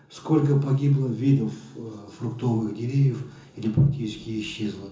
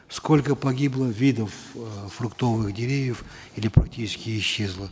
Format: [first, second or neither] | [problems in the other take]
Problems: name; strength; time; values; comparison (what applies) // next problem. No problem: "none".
second | room echo; dies away in 0.7 s